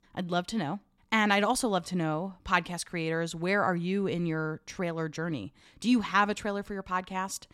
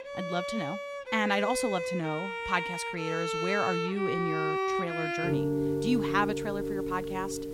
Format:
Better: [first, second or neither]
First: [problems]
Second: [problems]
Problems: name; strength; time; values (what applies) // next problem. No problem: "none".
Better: first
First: none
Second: background music; very loud; throughout; as loud as the speech